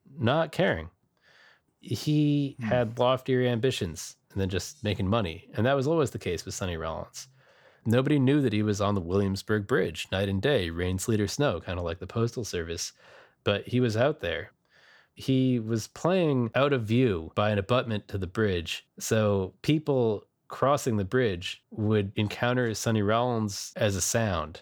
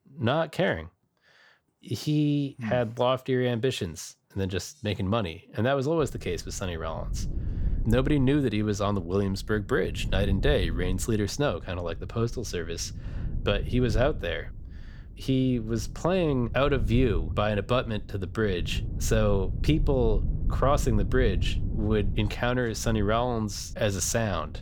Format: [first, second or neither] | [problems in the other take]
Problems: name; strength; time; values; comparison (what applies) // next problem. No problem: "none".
first | low rumble; noticeable; from 6 s on; 20 dB below the speech